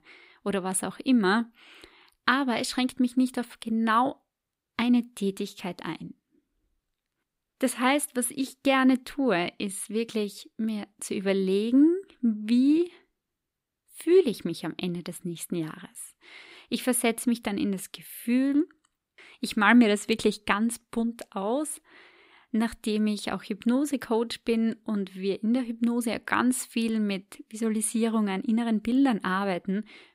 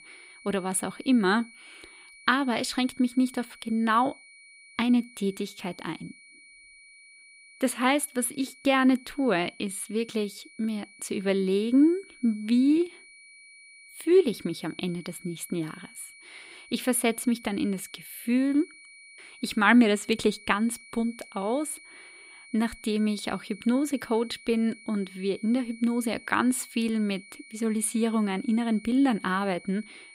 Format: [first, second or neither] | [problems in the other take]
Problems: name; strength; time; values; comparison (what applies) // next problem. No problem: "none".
first | high-pitched whine; faint; throughout; 2.5 kHz, 20 dB below the speech